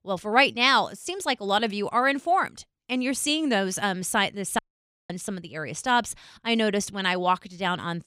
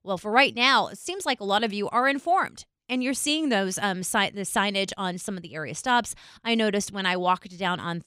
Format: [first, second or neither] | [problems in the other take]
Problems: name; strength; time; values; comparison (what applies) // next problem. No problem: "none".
second | audio cutting out; at 4.5 s for 0.5 s